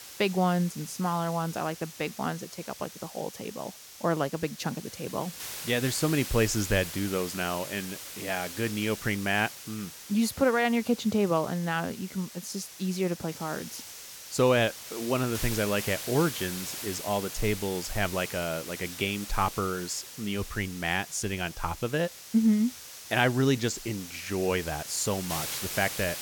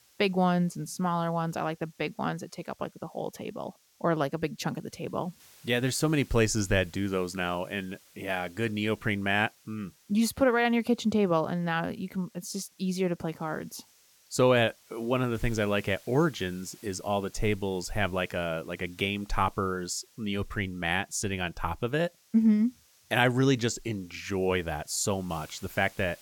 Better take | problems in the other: second | hiss; loud; throughout; 9 dB below the speech; faint in the second

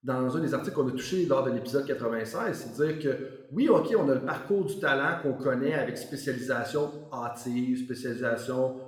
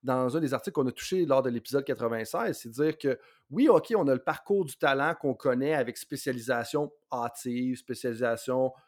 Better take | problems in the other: second | room echo; slight; dies away in 0.8 s // off-mic speech; somewhat distant

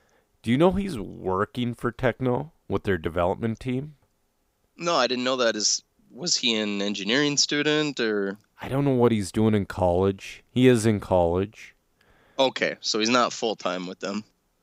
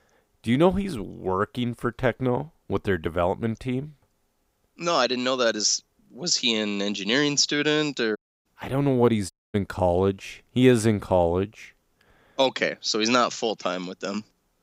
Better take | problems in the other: first | audio cutting out; at 8 s and at 9.5 s

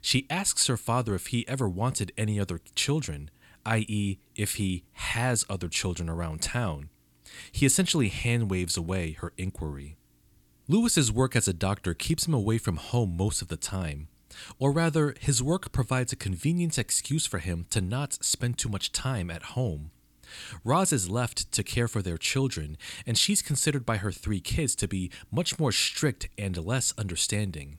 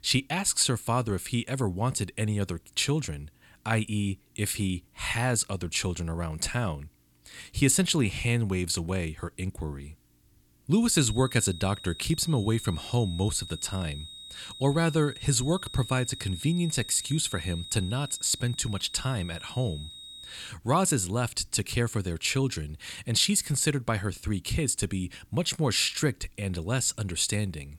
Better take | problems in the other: first | high-pitched whine; noticeable; from 11 to 20 s; 4 kHz, 15 dB below the speech

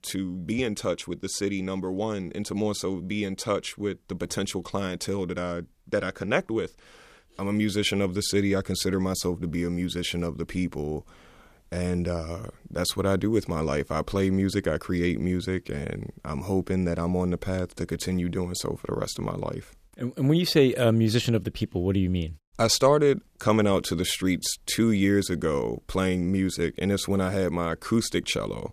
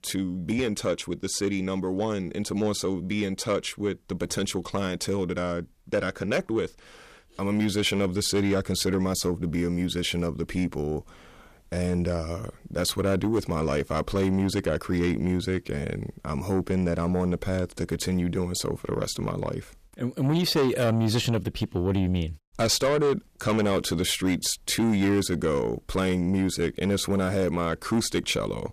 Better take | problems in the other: first | distortion; slight; 10 dB below the speech

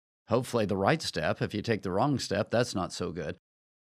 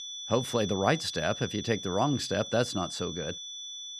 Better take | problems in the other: first | high-pitched whine; loud; throughout; 3.5 kHz, 8 dB below the speech

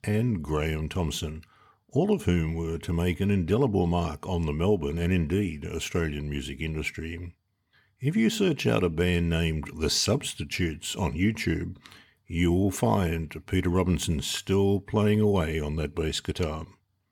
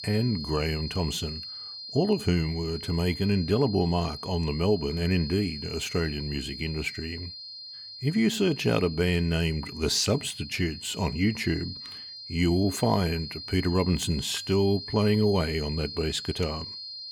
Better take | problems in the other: first | high-pitched whine; loud; throughout; 4 kHz, 10 dB below the speech

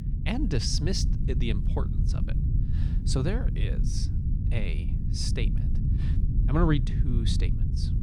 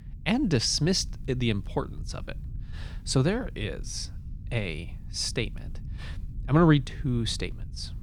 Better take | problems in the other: second | low rumble; loud; throughout; 7 dB below the speech; faint in the second

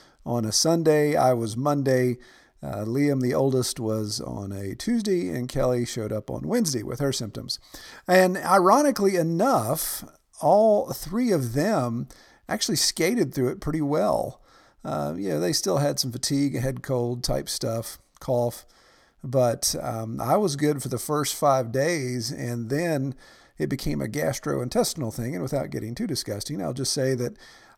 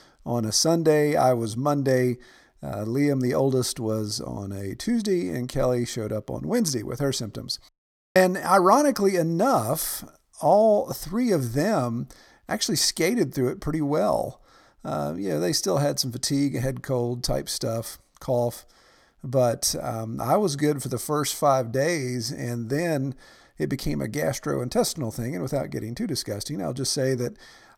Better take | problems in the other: first | audio cutting out; at 7.5 s

